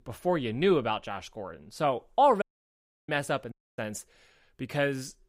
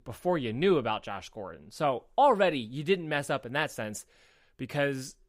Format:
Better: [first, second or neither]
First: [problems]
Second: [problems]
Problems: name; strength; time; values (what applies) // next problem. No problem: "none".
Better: second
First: audio cutting out; at 2.5 s for 0.5 s and at 3.5 s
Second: none